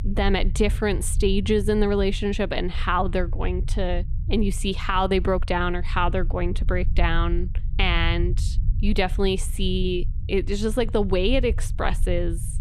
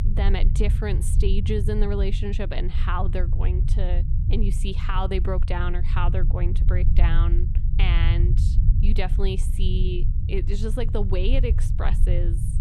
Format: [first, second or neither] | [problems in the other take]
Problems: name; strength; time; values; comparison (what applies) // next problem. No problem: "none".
first | low rumble; loud; throughout; 9 dB below the speech; faint in the first